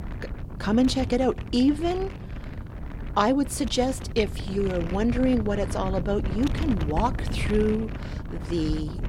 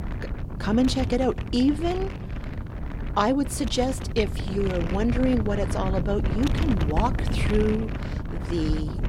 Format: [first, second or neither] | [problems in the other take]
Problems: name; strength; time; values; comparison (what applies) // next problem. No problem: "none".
first | wind noise on the microphone; heavy; 9 dB below the speech; occasional gusts in the first